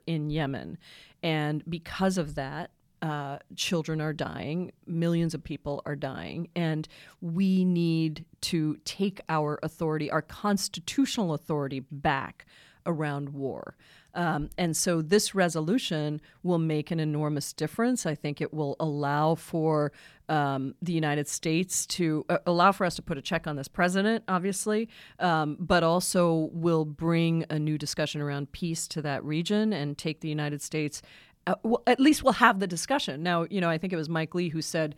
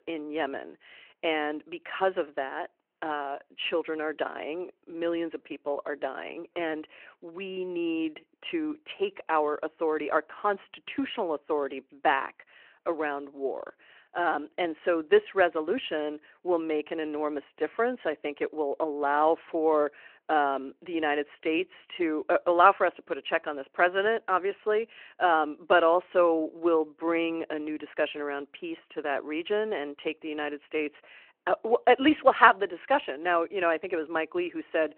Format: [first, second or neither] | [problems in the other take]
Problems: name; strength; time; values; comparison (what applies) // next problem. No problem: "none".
first | phone-call audio